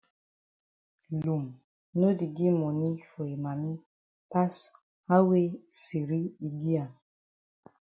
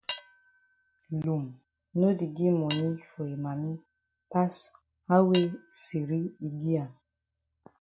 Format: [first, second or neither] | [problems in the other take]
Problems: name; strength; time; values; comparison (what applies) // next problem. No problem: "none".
first | background sound (Cutlery, silverware / Dishes, pots, and pans); 18 dB below the speech